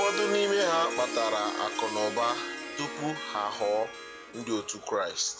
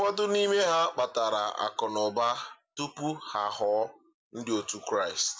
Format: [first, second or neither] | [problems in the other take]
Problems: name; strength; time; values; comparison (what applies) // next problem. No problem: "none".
second | background sound (Harp); 6 dB below the speech